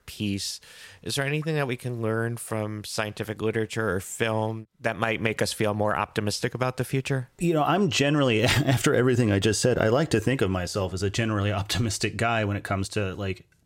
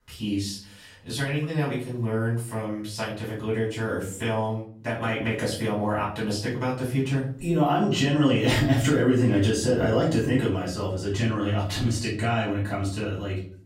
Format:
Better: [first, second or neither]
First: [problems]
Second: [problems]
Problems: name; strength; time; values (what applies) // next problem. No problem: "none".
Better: first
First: none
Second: room echo; slight; dies away in 0.5 s // off-mic speech; far